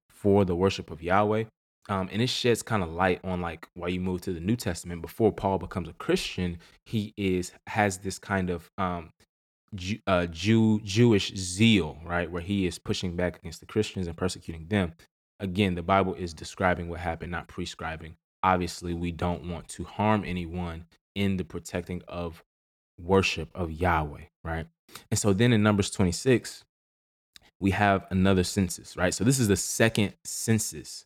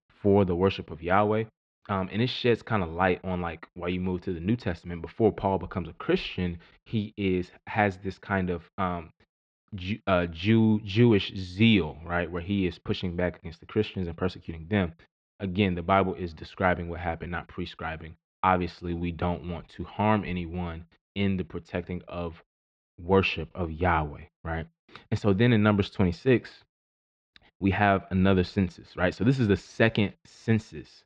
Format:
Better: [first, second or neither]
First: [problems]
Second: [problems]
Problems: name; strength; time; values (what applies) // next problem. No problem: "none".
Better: first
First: none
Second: muffled; slightly; fading above 3.5 kHz